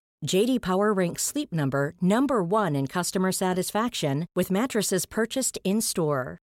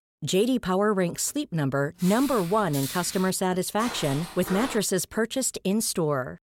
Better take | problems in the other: first | footsteps; noticeable; from 2 to 3.5 s and from 4 to 5 s; peak 8 dB below the speech

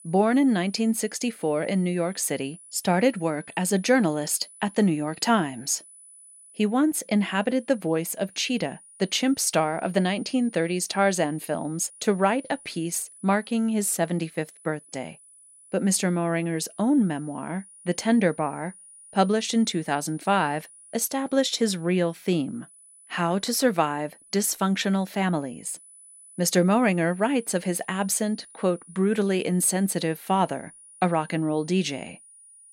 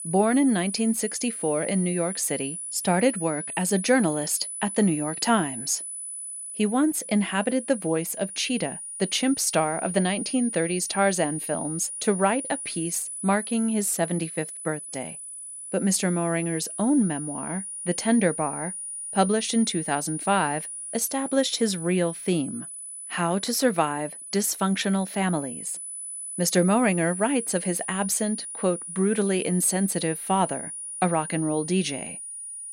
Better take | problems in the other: first | high-pitched whine; loud; throughout; 10 kHz, 7 dB below the speech; faint in the first

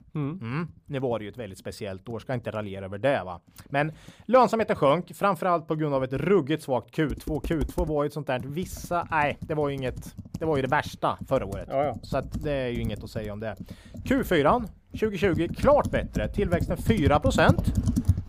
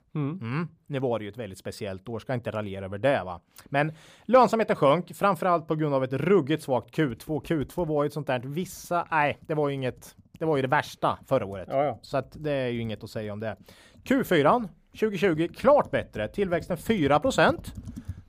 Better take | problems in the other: second | household noises; loud; throughout; 7 dB below the speech; faint in the second

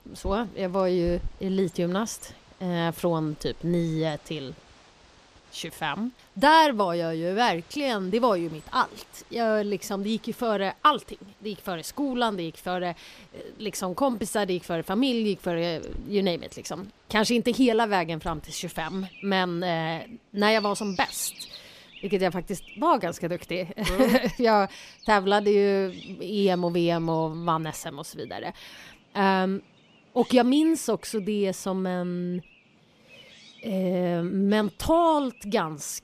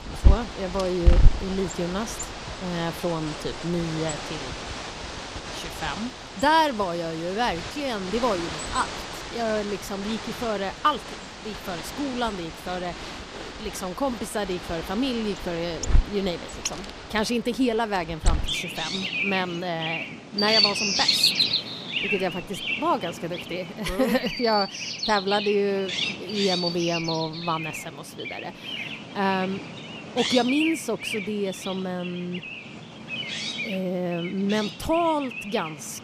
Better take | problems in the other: first | animal sounds; loud; throughout; 1 dB below the speech; faint in the first

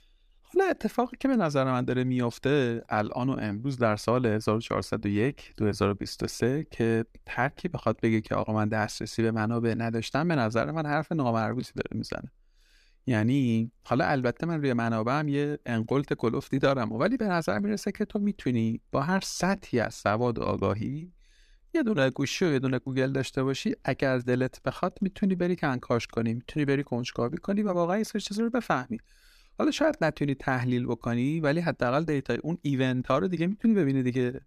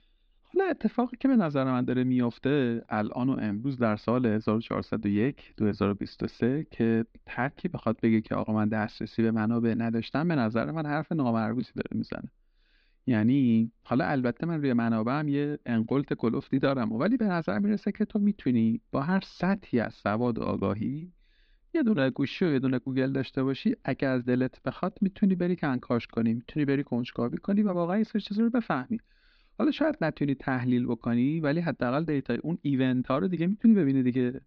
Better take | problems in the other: first | muffled; very slightly; fading above 4 kHz

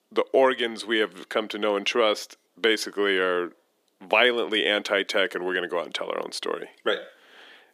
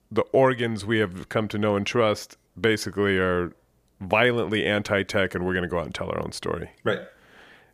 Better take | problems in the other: second | thin; somewhat; fading below 300 Hz

